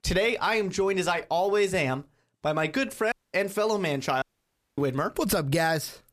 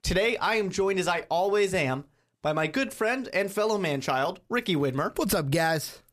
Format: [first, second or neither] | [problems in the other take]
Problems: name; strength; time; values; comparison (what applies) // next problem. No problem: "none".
second | audio cutting out; at 3 s and at 4 s for 0.5 s